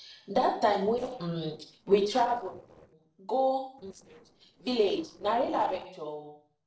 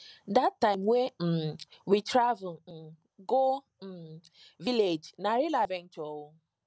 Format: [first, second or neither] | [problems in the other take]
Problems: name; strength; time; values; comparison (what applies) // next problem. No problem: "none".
second | noise reduction (neural separator model SepFormer DNS4)